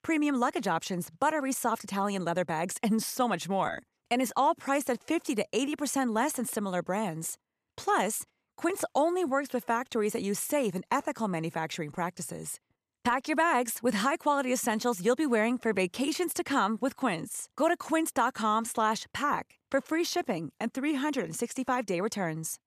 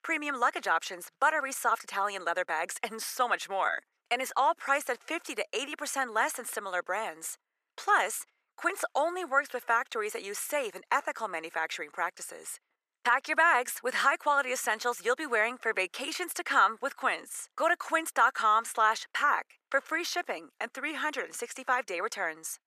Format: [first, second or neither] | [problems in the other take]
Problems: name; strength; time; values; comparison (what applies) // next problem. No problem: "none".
first | thin; very; fading below 450 Hz